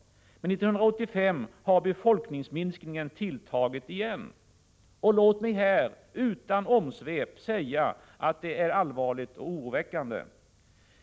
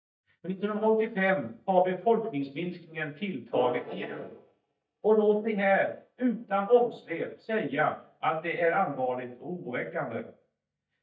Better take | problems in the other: first | noise reduction (neural mask model DeepFilterNet 3)

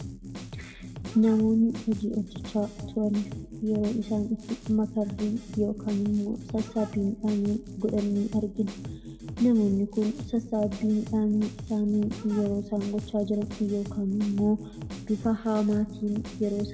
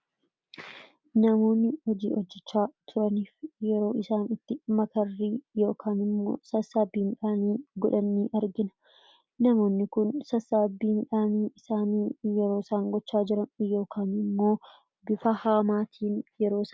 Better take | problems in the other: second | background sound (Drum kit); 12 dB below the speech // room echo; dies away in 1.3 s

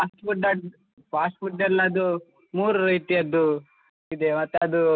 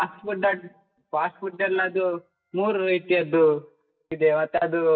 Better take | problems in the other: first | noise reduction (neural mask model DeepFilterNet 3)

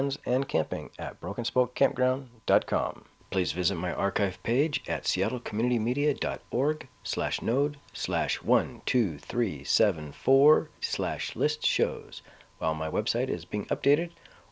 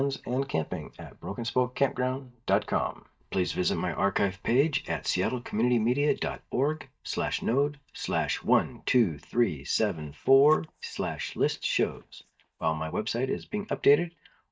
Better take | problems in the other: first | noise reduction (neural mask model DeepFilterNet 3)

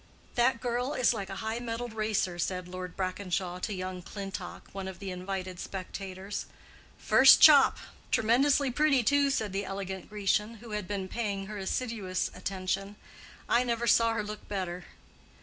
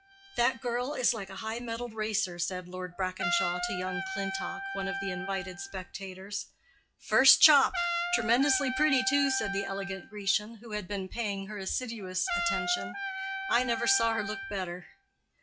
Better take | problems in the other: first | noise reduction (classical method log-MMSE)

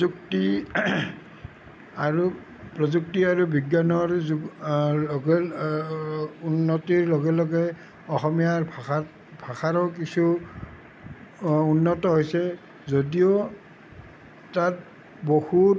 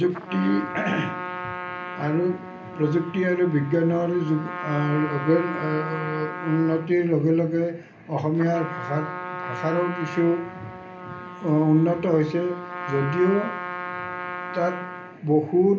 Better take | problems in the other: first | background sound (Trumpet); 10 dB below the speech // room echo; dies away in 0.3 s

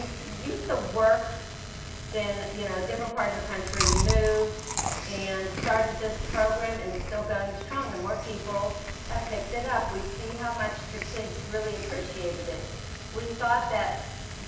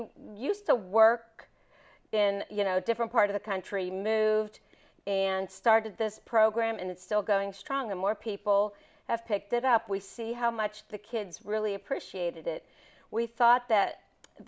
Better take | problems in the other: second | background sound (Chewing, mastication); 3 dB below the speech // room echo; dies away in 0.9 s

